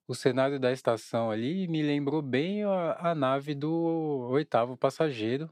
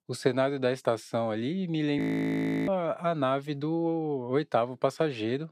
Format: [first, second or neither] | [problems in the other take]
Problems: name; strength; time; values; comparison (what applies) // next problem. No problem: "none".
first | audio freezing; at 2 s for 0.5 s